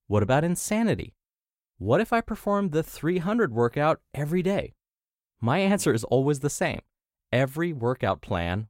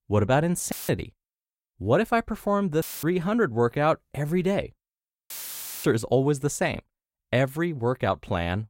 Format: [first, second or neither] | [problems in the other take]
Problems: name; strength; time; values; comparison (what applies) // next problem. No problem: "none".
first | audio cutting out; filled with static; at 0.5 s, at 3 s and at 5.5 s for 0.5 s